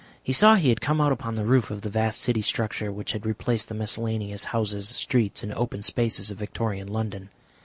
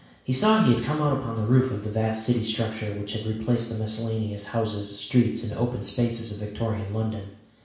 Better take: first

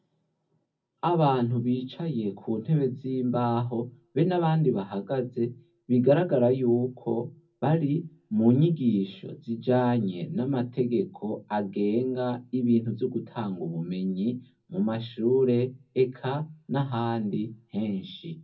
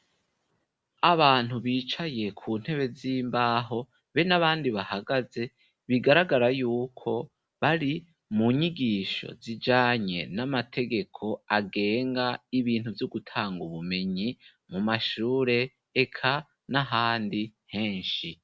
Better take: second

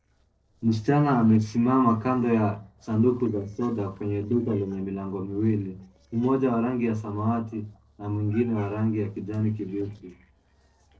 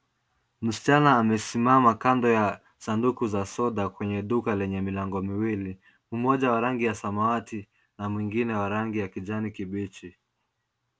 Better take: second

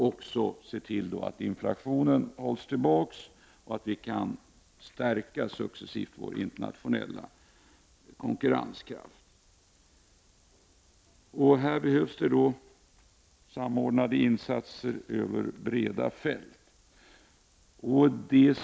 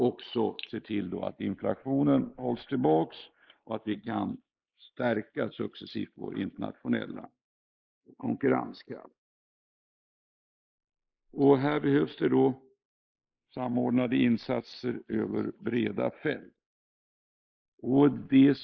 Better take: first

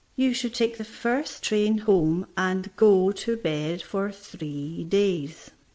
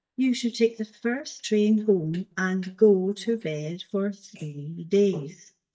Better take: first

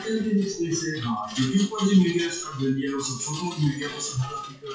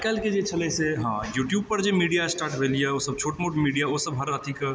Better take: second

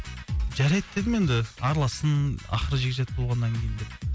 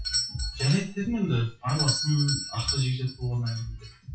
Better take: first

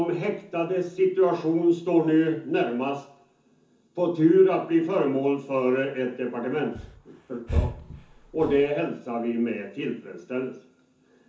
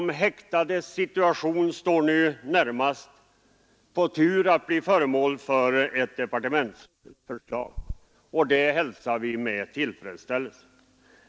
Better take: second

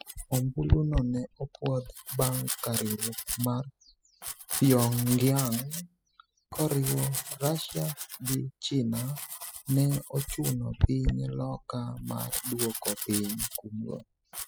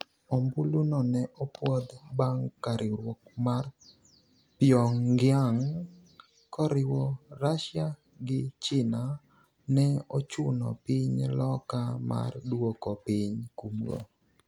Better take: second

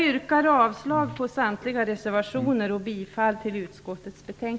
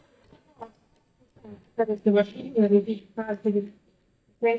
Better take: first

